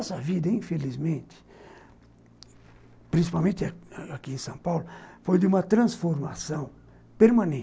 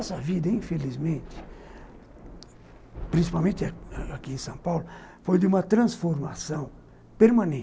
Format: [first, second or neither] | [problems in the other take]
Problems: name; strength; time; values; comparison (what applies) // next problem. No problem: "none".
first | background sound (Thunder / Rain); 16 dB below the speech